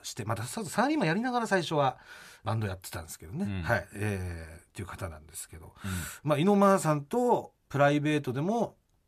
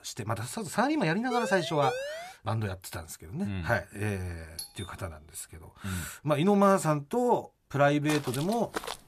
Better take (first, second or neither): first